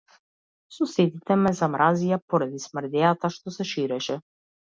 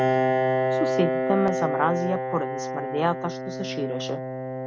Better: first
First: none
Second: background sound (Piano); 3 dB above the speech

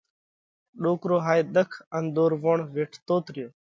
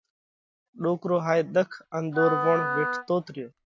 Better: first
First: none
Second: background sound (Wind instrument, woodwind instrument); 3 dB below the speech

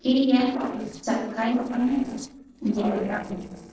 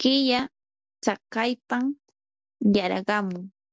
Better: second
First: noise reduction (neural separator model SepFormer DNS4)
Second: none

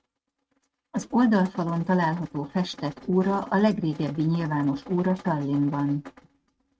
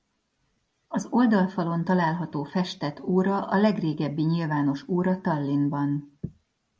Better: second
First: noise reduction (neural mask model RNNoise)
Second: none

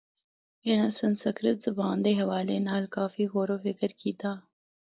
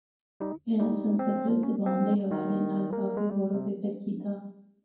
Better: first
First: none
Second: background sound (Piano); 4 dB below the speech // room echo; dies away in 0.9 s

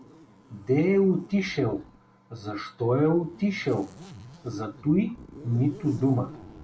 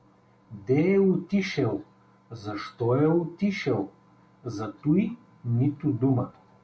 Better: second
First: background sound (Zipper (clothing)); 20 dB below the speech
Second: none

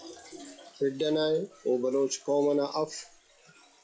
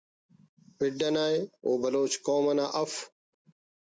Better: second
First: noise reduction (classical method log-MMSE)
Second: none

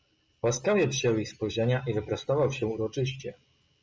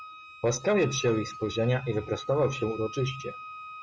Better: first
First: none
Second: background sound (Wind instrument, woodwind instrument); 14 dB below the speech

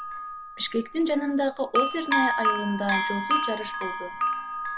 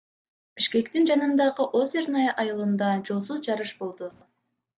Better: second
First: background sound (Bell); as loud as the speech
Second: none

